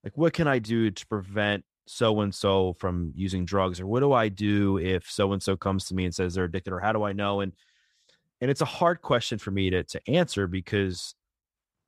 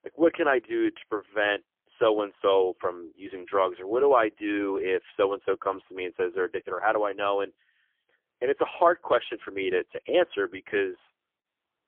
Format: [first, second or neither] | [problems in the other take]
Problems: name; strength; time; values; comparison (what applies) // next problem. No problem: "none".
first | phone-call audio; poor line; nothing above 3.5 kHz